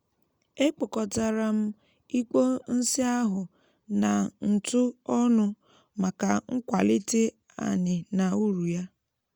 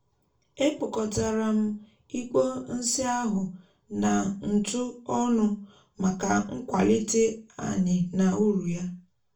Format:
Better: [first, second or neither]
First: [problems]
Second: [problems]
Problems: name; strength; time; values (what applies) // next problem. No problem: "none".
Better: first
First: none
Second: room echo; dies away in 0.3 s